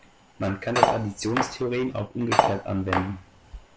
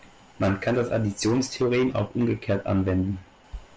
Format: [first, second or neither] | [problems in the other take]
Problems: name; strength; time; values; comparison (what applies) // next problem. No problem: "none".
second | background sound (Cutlery, silverware); 3 dB above the speech